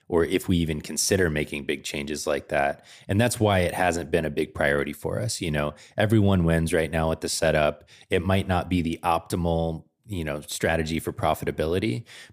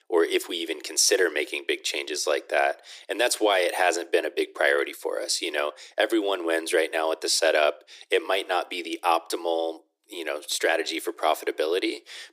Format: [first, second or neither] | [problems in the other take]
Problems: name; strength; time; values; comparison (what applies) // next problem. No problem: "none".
first | thin; very; fading below 350 Hz